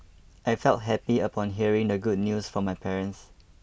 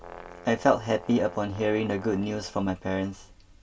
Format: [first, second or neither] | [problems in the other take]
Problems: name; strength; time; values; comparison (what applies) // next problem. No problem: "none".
first | background sound (Brass instrument); 19 dB below the speech // room echo; dies away in 0.1 s